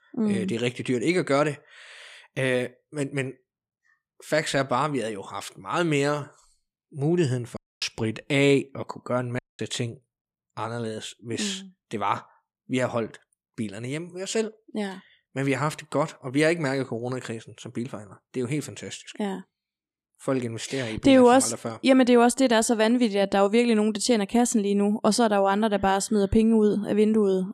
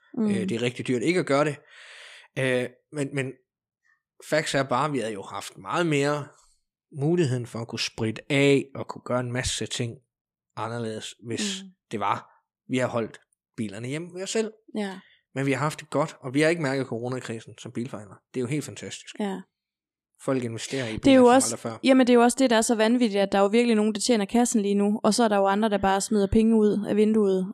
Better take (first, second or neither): second